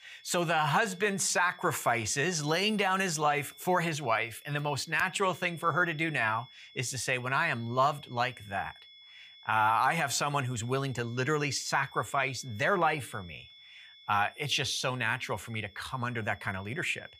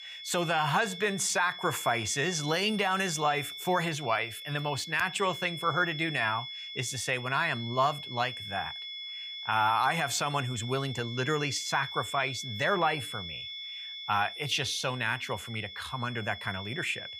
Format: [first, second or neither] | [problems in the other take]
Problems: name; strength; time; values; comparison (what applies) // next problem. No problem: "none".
first | high-pitched whine; loud; throughout; 3.5 kHz, 9 dB below the speech; faint in the first